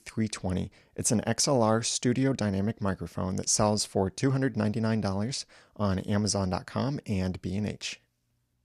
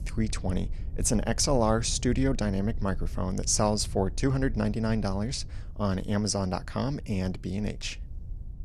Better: first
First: none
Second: low rumble; faint; throughout; 25 dB below the speech

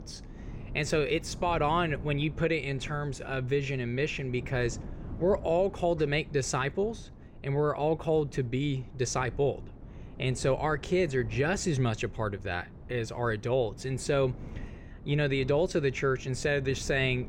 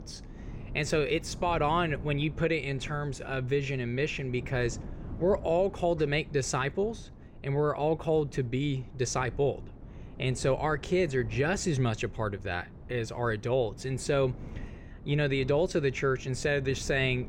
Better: neither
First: wind noise on the microphone; occasional gusts; 20 dB below the speech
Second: wind noise on the microphone; occasional gusts; 20 dB below the speech

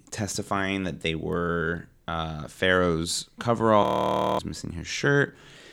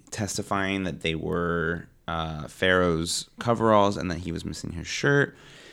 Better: second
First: audio freezing; at 4 s for 0.5 s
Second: none

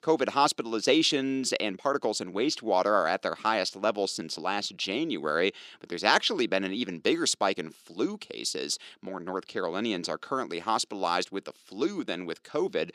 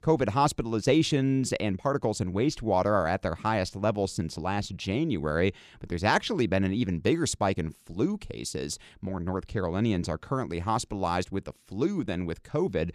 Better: second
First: thin; somewhat; fading below 250 Hz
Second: none

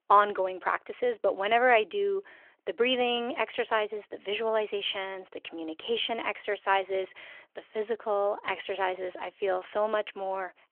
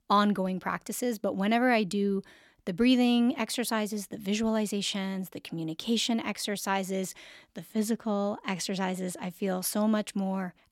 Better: second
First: phone-call audio; nothing above 3.5 kHz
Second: none

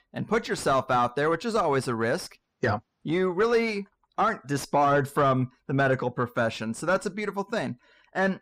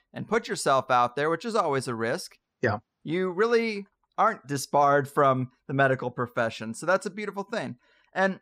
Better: second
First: distortion; slight; 10 dB below the speech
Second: none

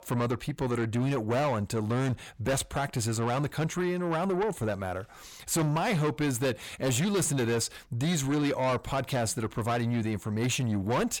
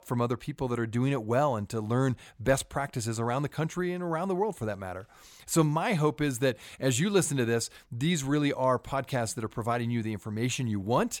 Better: second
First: distortion; heavy; 8 dB below the speech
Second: none

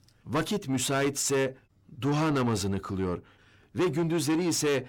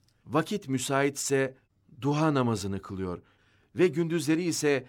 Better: second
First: distortion; heavy; 8 dB below the speech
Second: none

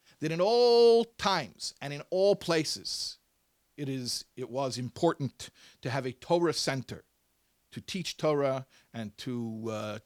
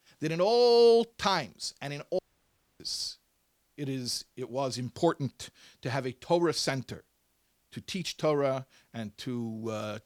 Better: first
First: none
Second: audio cutting out; at 2 s for 0.5 s

